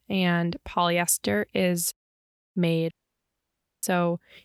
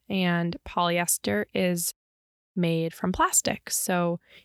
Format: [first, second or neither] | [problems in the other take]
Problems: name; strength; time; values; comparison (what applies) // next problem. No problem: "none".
second | audio cutting out; at 3 s for 1 s